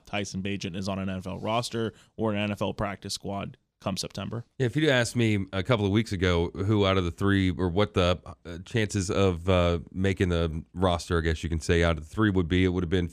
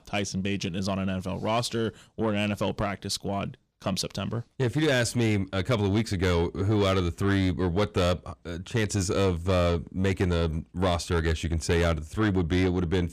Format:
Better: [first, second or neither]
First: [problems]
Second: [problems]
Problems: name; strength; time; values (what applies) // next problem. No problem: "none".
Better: first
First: none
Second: distortion; slight; 10 dB below the speech